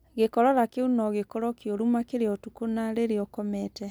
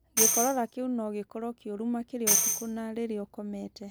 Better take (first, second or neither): first